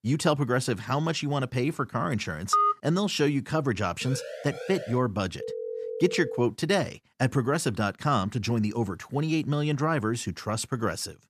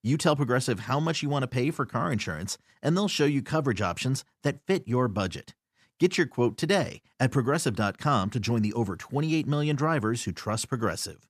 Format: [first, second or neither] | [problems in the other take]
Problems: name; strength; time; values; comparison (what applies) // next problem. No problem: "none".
second | phone ringing; loud; at 2.5 s; peak 4 dB above the speech // siren; faint; at 4 s; peak 10 dB below the speech // phone ringing; noticeable; at 5.5 s; peak 7 dB below the speech